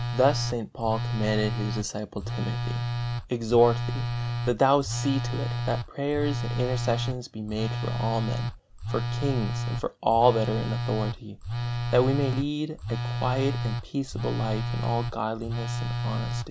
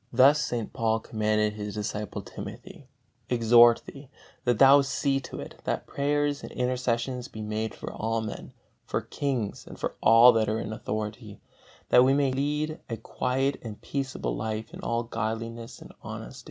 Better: second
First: background sound (Telephone); 2 dB below the speech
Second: none

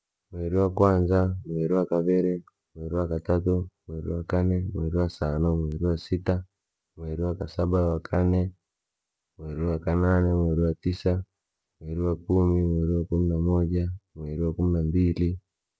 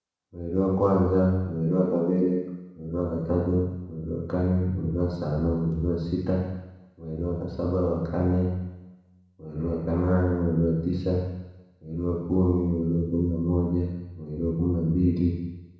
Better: first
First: none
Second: room echo; dies away in 1.1 s

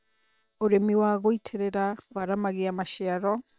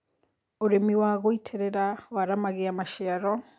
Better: second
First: noise reduction (neural separator model SepFormer WHAM!)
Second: none

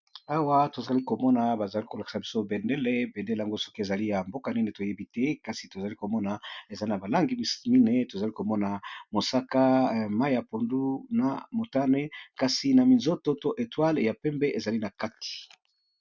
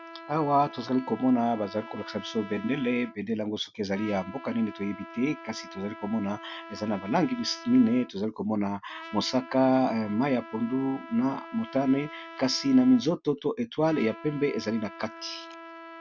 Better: first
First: none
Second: background sound (Trumpet); 17 dB below the speech

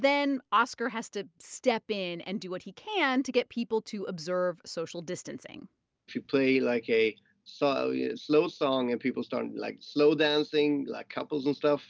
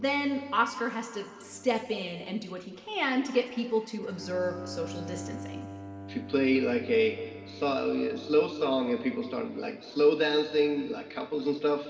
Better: first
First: none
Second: background sound (Bowed string instrument); 16 dB below the speech // room echo; dies away in 2 s

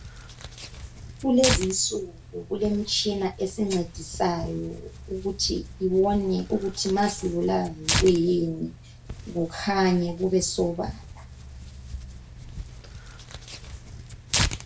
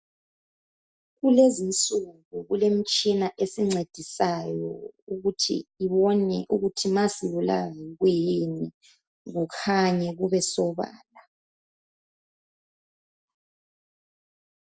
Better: second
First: background sound (Tearing); 7 dB below the speech // room echo; dies away in 0.2 s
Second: none

